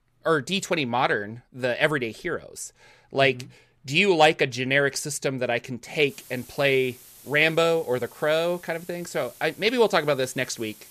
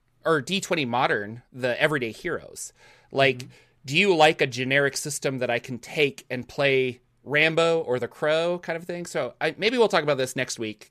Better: second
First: hiss; faint; from 6 s on; 25 dB below the speech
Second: none

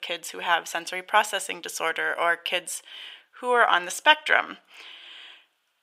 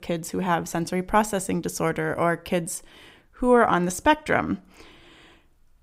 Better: second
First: thin; very; fading below 700 Hz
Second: none

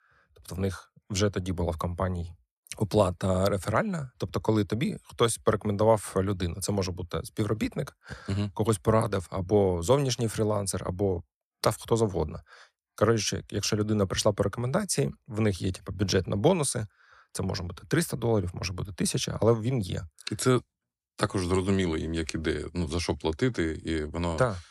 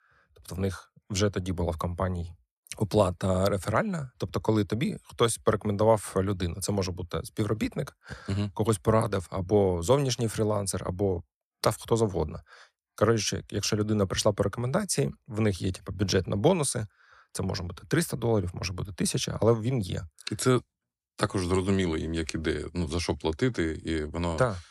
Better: neither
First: none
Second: none

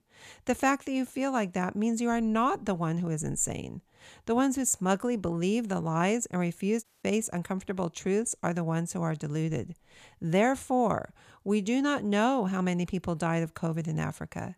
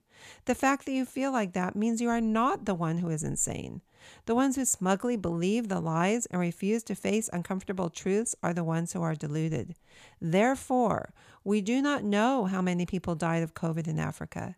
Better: second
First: audio cutting out; at 7 s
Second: none

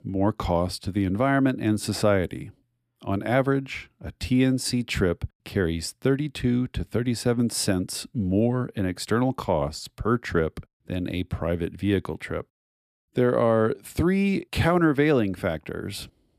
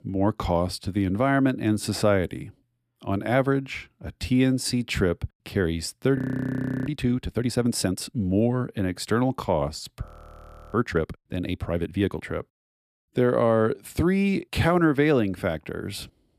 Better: first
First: none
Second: audio freezing; at 6 s for 0.5 s and at 10 s for 0.5 s

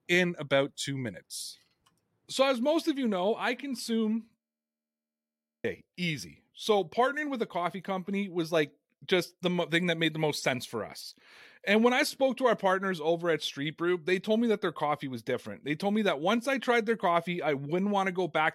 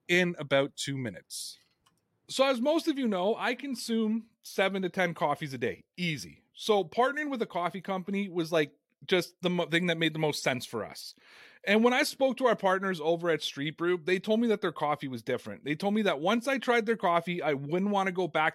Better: second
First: audio freezing; at 4.5 s for 1.5 s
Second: none

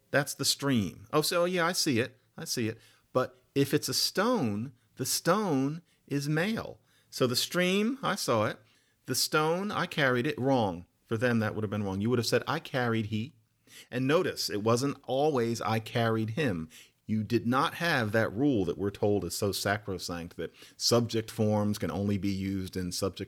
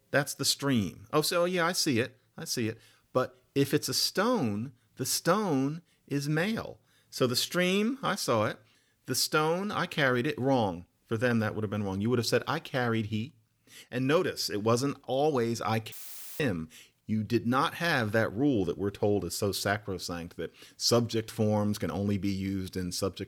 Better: first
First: none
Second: audio cutting out; filled with static; at 16 s

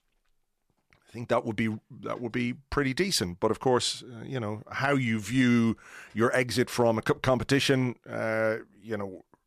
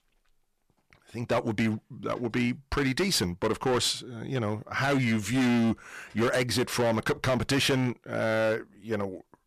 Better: first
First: none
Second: distortion; heavy; 12% of the sound clipped

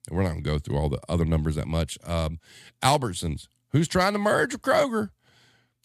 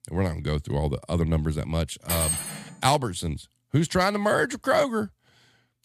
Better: first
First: none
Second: clattering dishes; loud; at 2 s; peak 1 dB above the speech

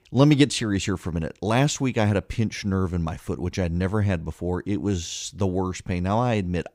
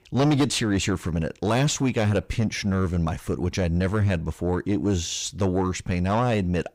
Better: first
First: none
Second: distortion; heavy; 7 dB below the speech

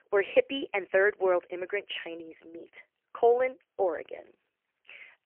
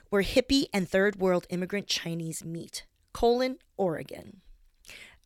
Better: second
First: phone-call audio; poor line; nothing above 3 kHz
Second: none

